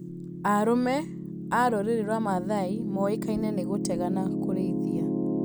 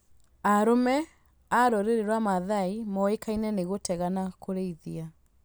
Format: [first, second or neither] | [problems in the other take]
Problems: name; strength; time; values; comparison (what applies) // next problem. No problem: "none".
second | background sound (Piano); 2 dB below the speech